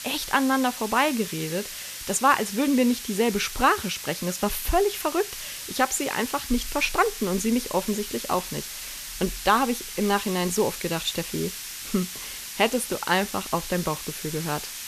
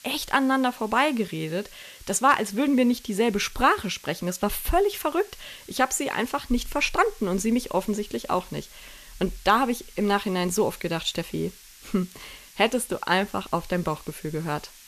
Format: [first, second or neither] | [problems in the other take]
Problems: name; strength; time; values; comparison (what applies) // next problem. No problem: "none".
second | hiss; loud; throughout; 8 dB below the speech; faint in the second